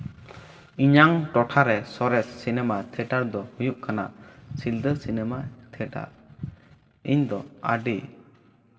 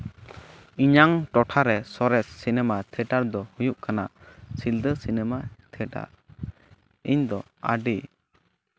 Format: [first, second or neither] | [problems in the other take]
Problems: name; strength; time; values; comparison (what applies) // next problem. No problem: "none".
second | room echo; dies away in 1.5 s